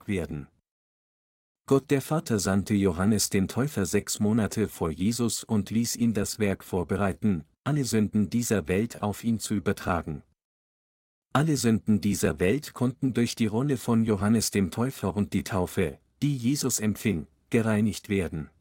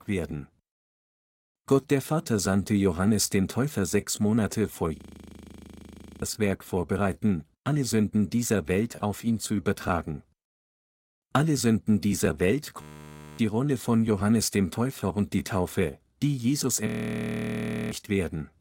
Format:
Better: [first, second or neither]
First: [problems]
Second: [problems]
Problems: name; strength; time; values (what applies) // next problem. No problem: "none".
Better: first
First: none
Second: audio freezing; at 5 s for 1.5 s, at 13 s for 0.5 s and at 17 s for 1 s